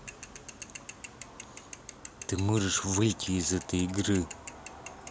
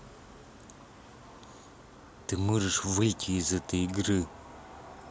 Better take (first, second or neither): second